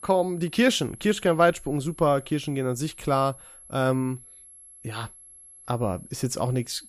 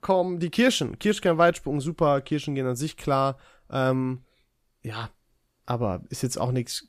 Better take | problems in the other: second | high-pitched whine; faint; throughout; 11 kHz, 20 dB below the speech

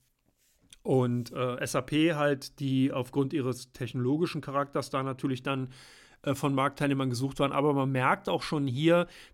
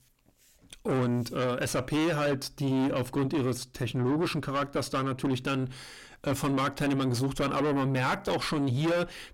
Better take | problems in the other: first | distortion; heavy; 5 dB below the speech

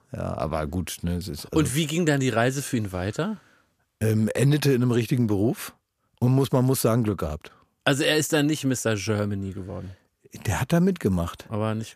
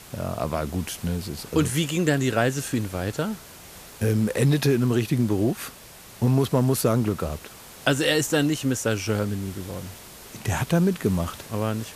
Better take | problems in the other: first | hiss; noticeable; throughout; 20 dB below the speech

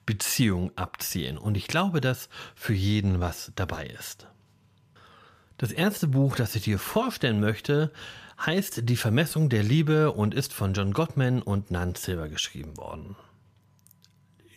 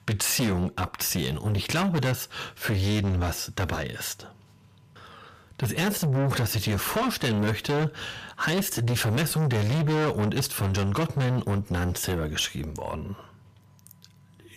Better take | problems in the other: first | distortion; heavy; 6 dB below the speech

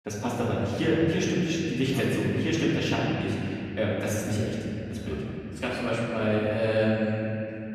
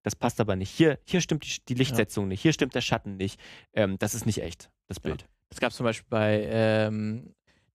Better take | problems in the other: second | off-mic speech; far // room echo; strong; dies away in 3 s

